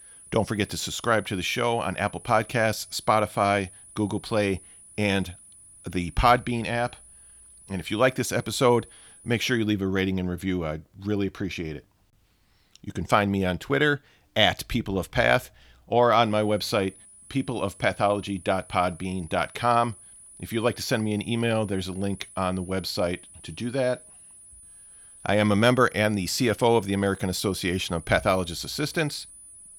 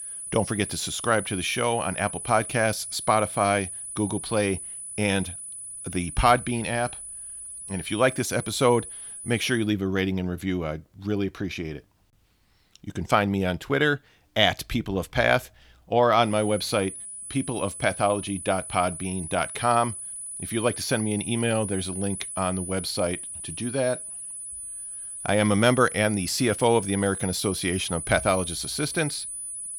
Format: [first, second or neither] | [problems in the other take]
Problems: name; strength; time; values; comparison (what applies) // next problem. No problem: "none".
first | high-pitched whine; loud; until 9.5 s and from 16 s on; 10 kHz, 8 dB below the speech; faint in the first